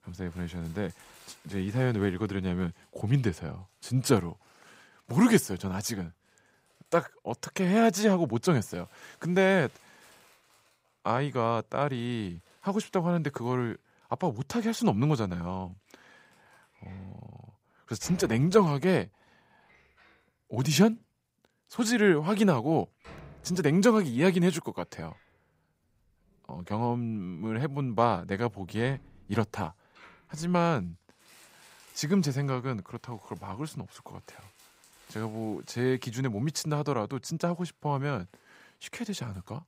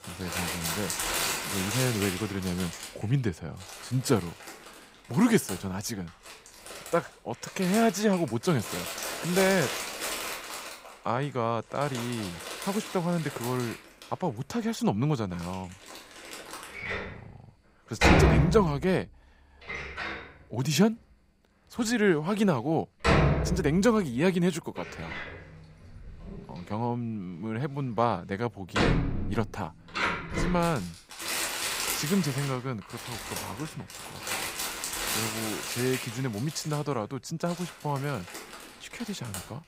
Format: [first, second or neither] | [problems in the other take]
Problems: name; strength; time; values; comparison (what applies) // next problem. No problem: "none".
first | household noises; loud; throughout; 2 dB below the speech; faint in the first